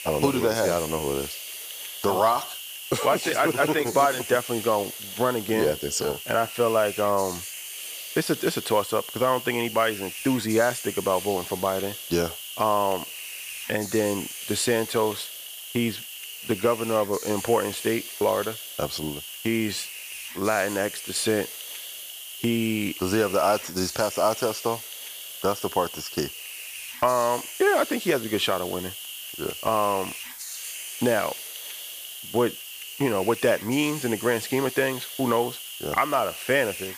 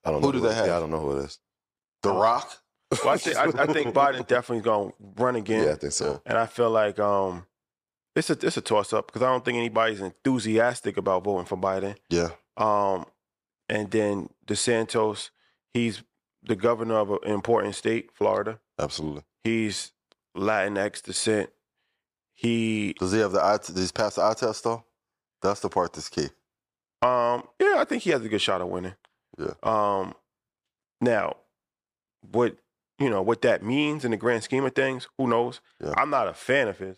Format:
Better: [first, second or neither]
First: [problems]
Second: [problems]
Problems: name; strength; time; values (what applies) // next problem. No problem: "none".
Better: second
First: hiss; loud; throughout; 9 dB below the speech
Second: none